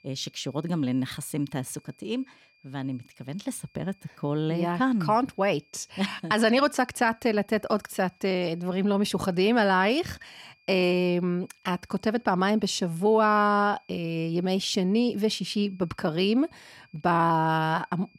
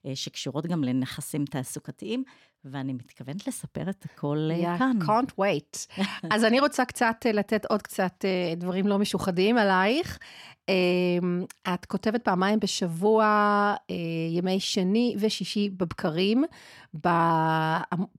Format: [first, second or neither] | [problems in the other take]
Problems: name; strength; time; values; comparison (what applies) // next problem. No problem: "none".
second | high-pitched whine; faint; throughout; 2.5 kHz, 35 dB below the speech